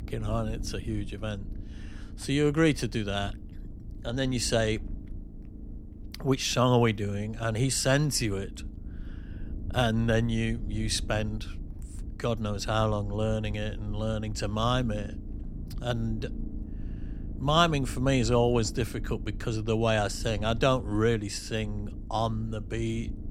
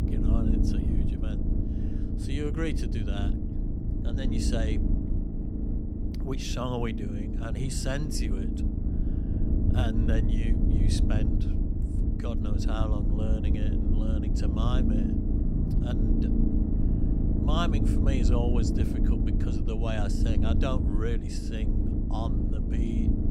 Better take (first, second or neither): first